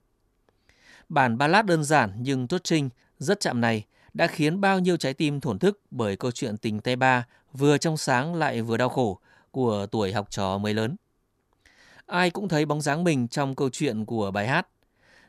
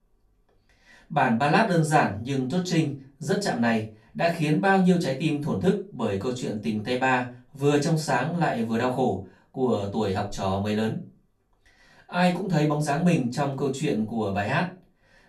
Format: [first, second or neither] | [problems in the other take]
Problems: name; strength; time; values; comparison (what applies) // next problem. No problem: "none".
first | off-mic speech; far // room echo; very slight; dies away in 0.3 s